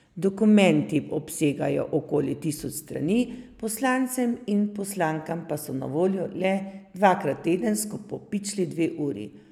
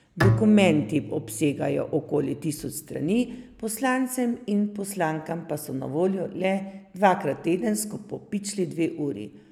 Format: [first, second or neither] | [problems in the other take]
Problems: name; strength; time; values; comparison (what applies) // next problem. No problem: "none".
first | background sound (Bowed string instrument); 5 dB below the speech